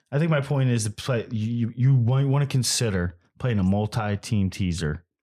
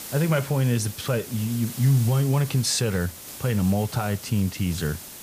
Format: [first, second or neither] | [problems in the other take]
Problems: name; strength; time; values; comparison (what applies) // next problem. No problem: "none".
first | hiss; noticeable; throughout; 15 dB below the speech